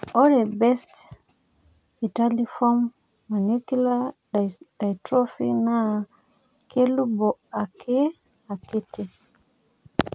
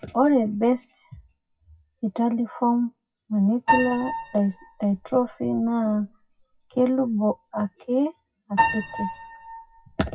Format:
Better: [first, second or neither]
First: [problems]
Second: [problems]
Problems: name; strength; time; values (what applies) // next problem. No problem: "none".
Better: first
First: none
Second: noise reduction (classical method WPE with log-MMSE)